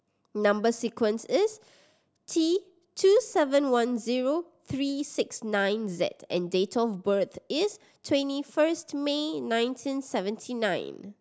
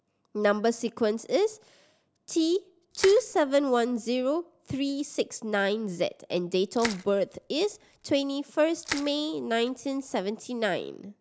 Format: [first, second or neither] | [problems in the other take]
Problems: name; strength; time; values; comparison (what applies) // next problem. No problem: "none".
first | background sound (Crushing); 13 dB below the speech